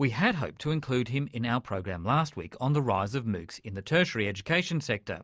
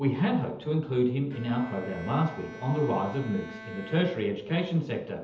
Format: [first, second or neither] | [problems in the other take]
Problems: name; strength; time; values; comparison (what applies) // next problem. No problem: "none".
first | background sound (Bowed string instrument); 18 dB below the speech // room echo; dies away in 0.8 s